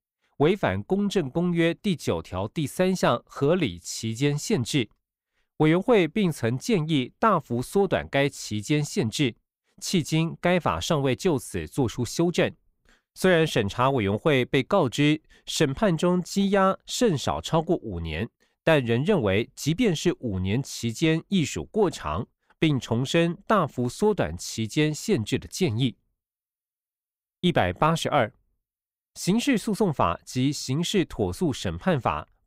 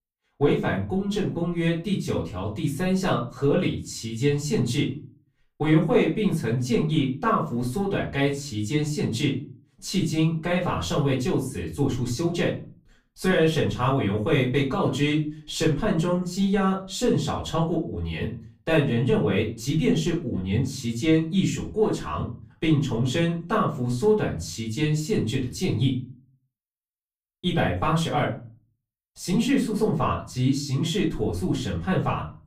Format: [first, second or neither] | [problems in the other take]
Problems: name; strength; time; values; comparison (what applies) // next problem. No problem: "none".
first | off-mic speech; far // room echo; slight; dies away in 0.3 s